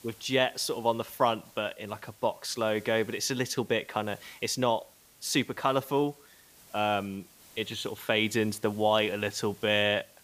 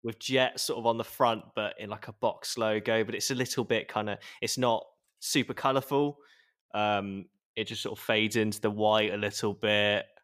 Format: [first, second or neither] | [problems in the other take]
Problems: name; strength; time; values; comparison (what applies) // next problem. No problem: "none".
second | hiss; faint; throughout; 25 dB below the speech